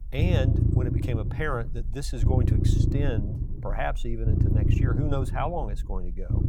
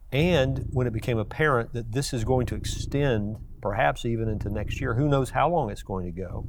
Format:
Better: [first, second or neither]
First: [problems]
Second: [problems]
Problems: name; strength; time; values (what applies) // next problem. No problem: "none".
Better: second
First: low rumble; loud; throughout; 3 dB below the speech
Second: low rumble; faint; throughout; 20 dB below the speech